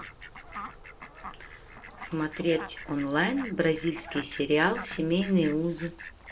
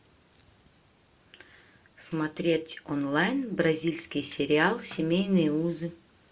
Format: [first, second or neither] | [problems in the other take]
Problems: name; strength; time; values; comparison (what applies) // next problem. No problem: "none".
second | background sound (Fowl); 14 dB below the speech